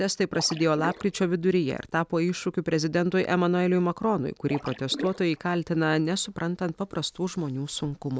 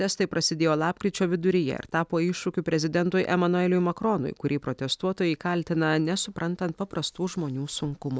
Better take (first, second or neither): second